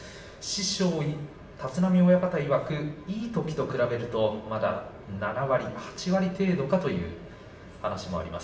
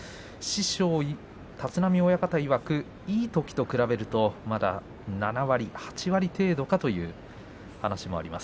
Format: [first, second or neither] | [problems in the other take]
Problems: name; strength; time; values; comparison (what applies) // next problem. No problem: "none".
second | room echo; dies away in 0.7 s